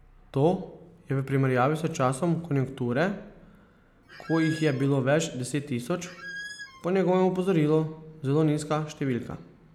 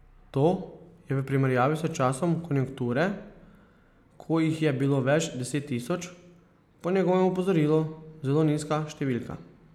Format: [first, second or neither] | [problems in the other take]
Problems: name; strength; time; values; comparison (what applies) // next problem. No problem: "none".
second | background sound (Squeak); 14 dB below the speech